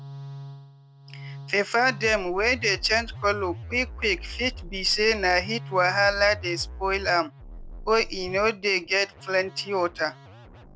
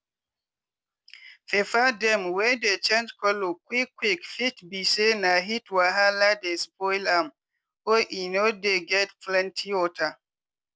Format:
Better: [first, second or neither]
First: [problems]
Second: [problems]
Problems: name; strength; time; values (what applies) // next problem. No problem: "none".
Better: second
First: background sound (Musical instrument); 13 dB below the speech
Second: none